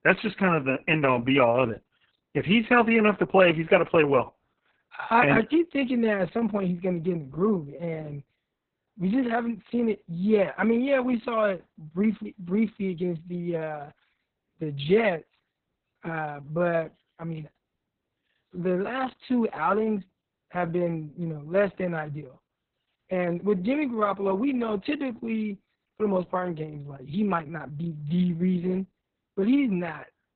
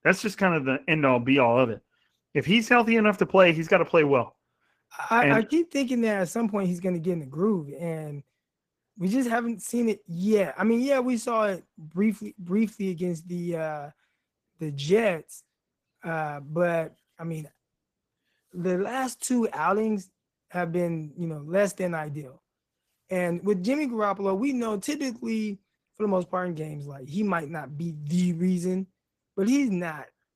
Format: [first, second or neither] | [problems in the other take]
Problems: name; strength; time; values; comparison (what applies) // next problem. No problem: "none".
second | garbled, watery; badly; nothing above 4 kHz; slightly in the second